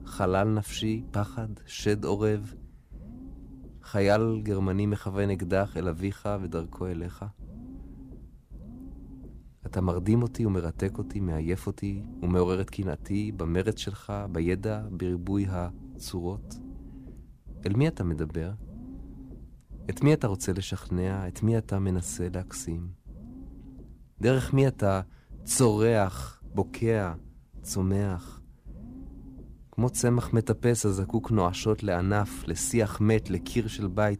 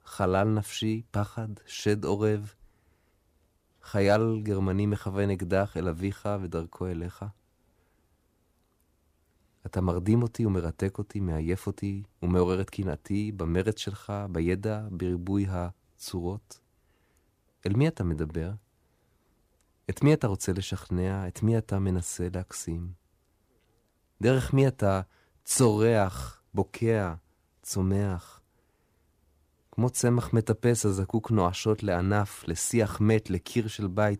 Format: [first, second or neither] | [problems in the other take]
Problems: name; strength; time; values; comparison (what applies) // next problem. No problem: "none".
second | low rumble; faint; throughout; 20 dB below the speech